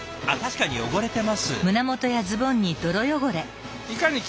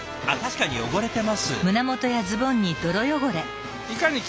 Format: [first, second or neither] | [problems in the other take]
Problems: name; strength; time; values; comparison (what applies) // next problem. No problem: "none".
first | background sound (Trumpet); 13 dB below the speech